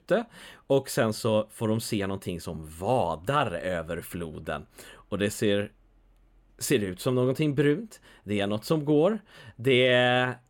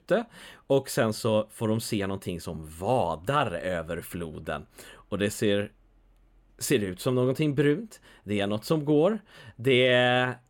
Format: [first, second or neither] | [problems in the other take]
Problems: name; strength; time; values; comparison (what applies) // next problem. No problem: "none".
neither | none